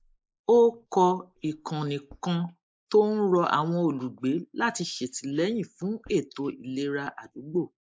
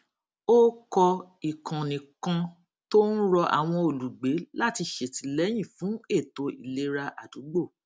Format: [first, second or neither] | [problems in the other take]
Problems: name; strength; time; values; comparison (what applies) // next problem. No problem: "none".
second | noise reduction (neural mask model Resemble Enhance denoiser)